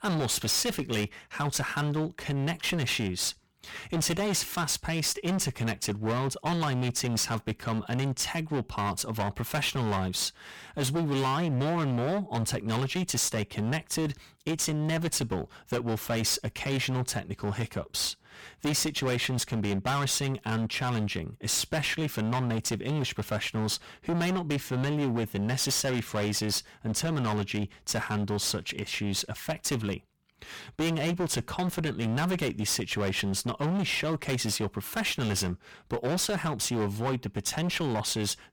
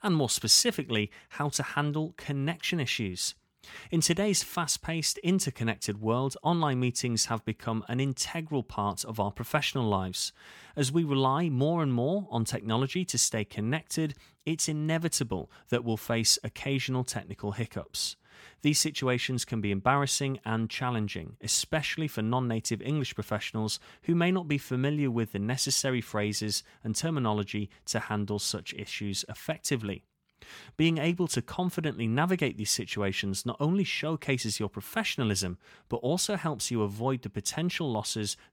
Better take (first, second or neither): second